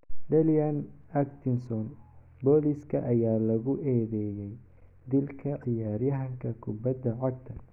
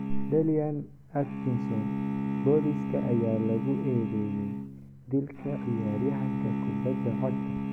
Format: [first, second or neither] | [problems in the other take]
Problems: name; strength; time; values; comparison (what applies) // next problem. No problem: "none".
first | background sound (Bowed string instrument); 2 dB below the speech